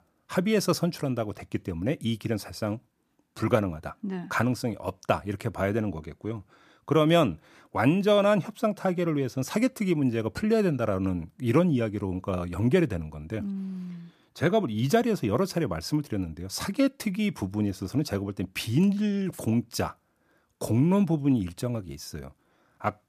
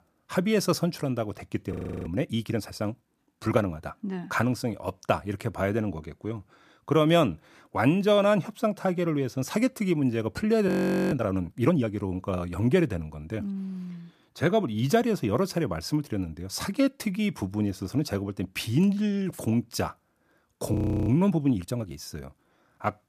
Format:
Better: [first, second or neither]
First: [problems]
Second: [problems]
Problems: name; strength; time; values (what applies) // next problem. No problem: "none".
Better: first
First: none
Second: audio freezing; at 1.5 s, at 11 s and at 21 s